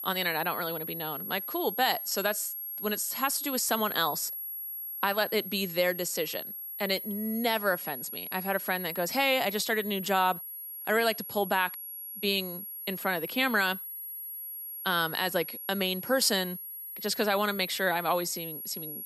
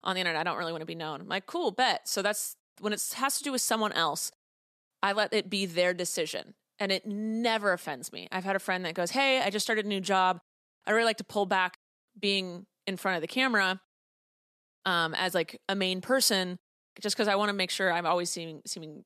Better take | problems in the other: second | high-pitched whine; loud; throughout; 11.5 kHz, 7 dB below the speech

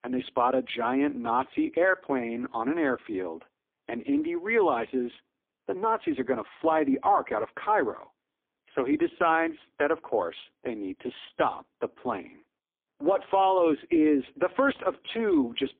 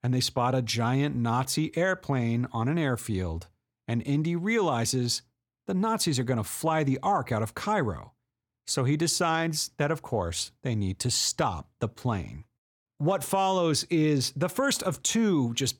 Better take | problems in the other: second | phone-call audio; poor line; nothing above 3.5 kHz

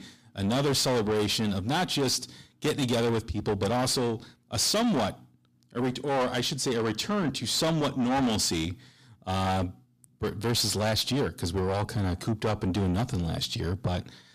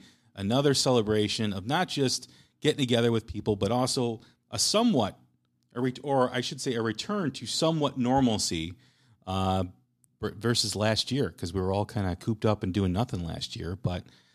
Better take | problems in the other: second | distortion; heavy; 6 dB below the speech

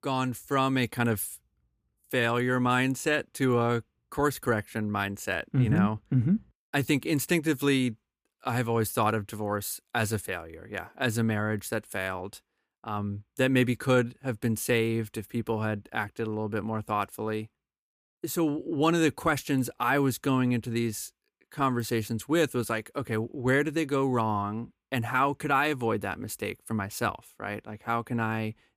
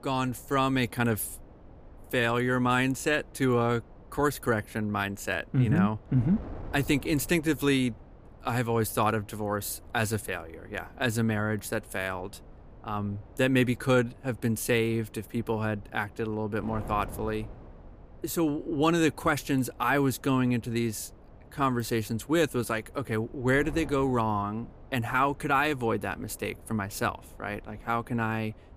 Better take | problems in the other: first | wind noise on the microphone; occasional gusts; 25 dB below the speech

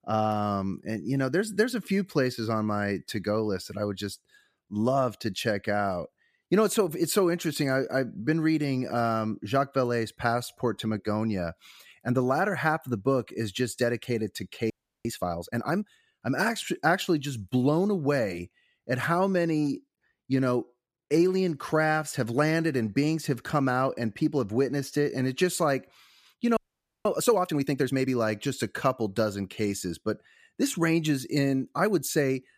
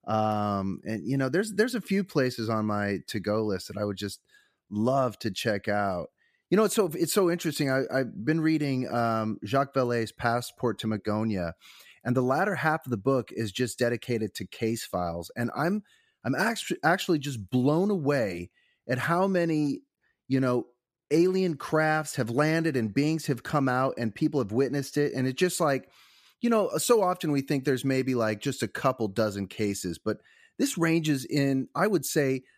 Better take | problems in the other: second | audio freezing; at 15 s and at 27 s

